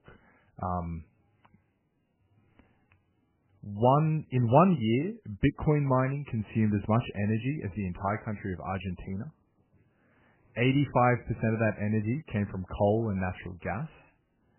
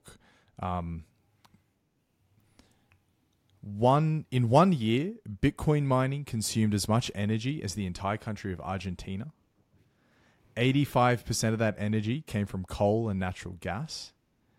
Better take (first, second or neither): second